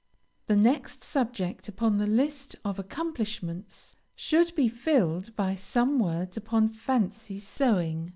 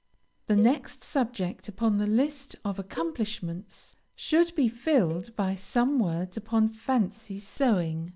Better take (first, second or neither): first